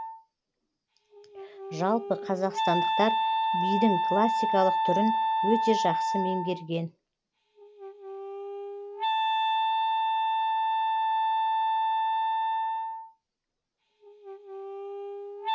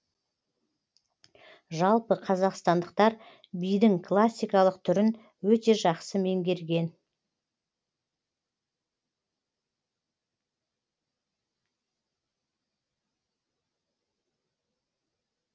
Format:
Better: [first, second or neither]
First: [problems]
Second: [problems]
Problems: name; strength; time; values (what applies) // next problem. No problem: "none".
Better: second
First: background sound (Wind instrument, woodwind instrument); 4 dB above the speech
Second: none